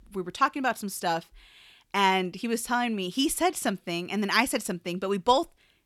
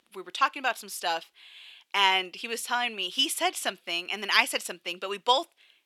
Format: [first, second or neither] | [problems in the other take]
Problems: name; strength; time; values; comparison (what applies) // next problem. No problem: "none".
first | thin; somewhat; fading below 500 Hz